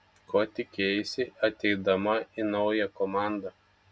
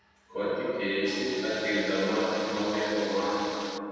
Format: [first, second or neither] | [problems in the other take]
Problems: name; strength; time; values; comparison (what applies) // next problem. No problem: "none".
first | background sound (Tools); 11 dB below the speech // room echo; dies away in 2.1 s